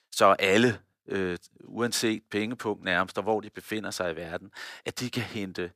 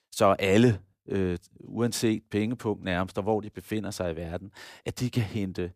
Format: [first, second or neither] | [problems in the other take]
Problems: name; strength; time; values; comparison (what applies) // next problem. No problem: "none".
second | thin; very slightly; fading below 650 Hz